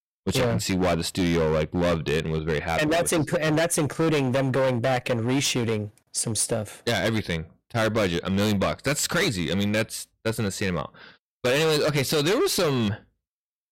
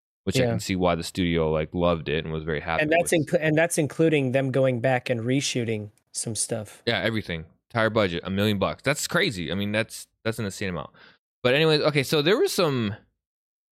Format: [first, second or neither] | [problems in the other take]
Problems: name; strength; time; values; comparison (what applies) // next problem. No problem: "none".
second | distortion; heavy; 17% of the sound clipped